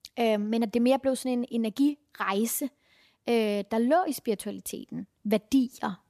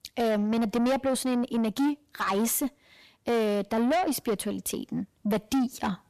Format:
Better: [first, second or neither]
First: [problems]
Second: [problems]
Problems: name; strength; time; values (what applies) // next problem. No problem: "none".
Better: first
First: none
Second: distortion; heavy; 8 dB below the speech